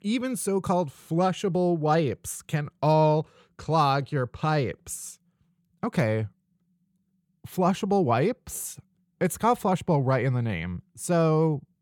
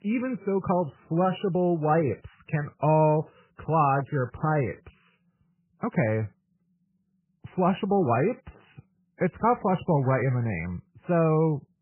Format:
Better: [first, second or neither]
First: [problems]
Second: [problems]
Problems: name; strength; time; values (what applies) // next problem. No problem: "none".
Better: first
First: none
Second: garbled, watery; badly; nothing above 3 kHz